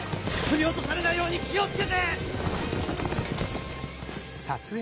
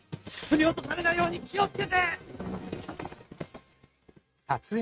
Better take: first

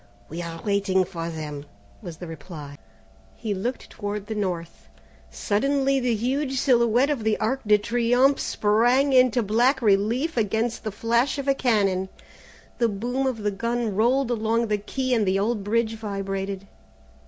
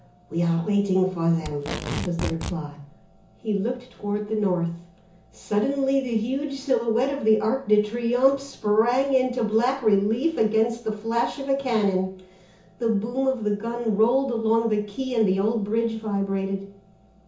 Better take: first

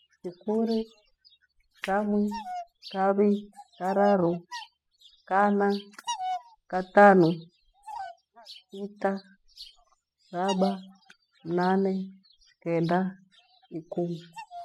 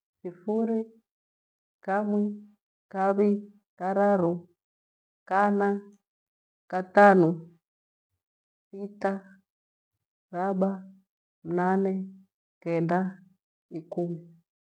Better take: second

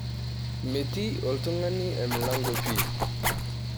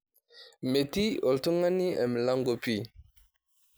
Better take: second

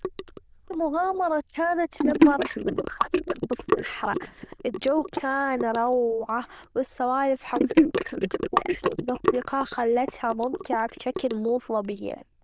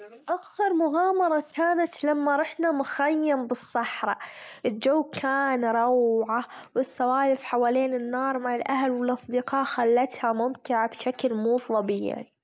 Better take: second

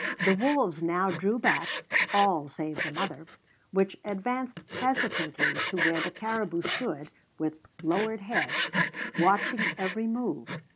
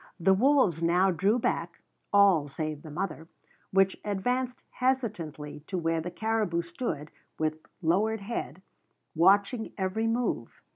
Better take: second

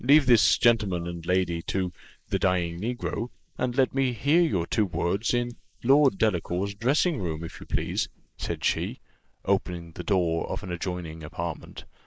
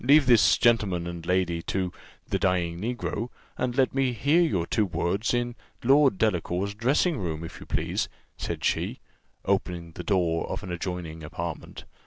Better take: second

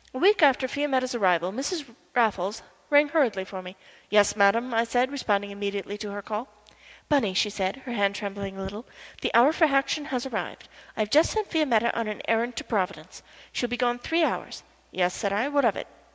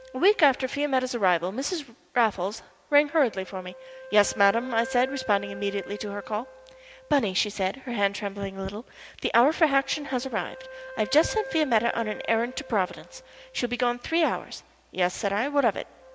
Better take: first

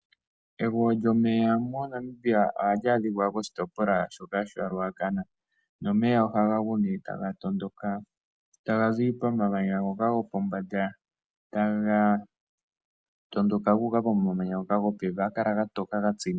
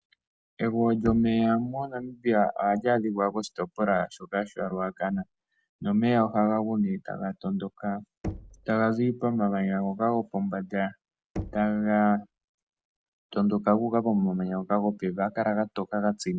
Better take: first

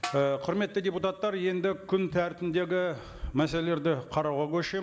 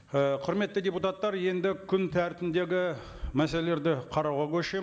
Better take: second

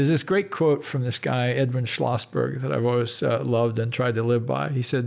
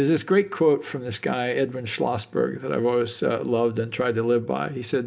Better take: first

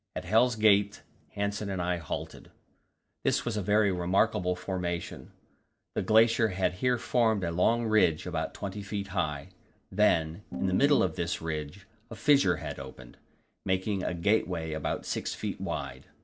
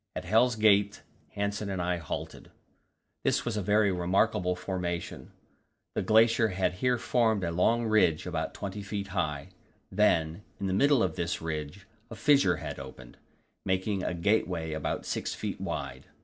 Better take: second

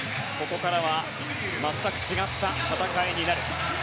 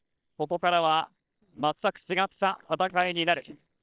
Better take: first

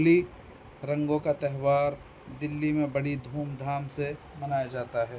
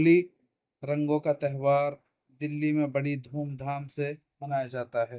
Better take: first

